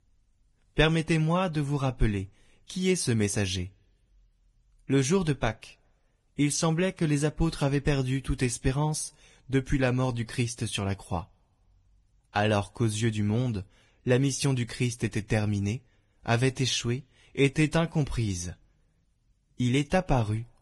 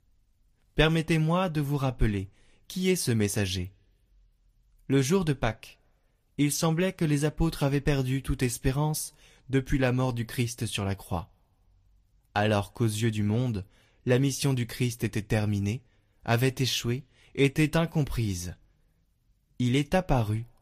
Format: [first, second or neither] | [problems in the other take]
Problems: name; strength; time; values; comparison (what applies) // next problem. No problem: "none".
second | garbled, watery; badly; nothing above 10.5 kHz; slightly in the second